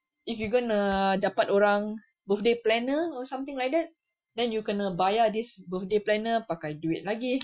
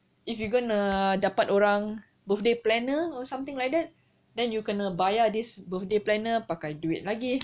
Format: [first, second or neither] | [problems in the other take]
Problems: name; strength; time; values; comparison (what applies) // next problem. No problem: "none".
second | noise reduction (classical method Wiener filter)